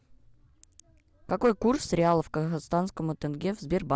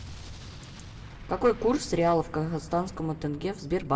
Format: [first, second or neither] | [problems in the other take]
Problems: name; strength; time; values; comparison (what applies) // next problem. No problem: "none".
first | background sound (Explosion); 15 dB below the speech // room echo; dies away in 1.1 s